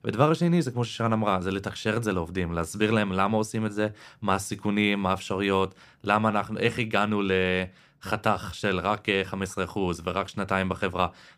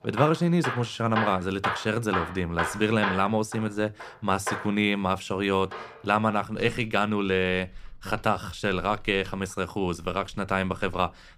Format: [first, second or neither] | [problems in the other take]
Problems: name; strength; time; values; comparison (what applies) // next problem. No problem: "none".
first | machinery noise; loud; throughout; 7 dB below the speech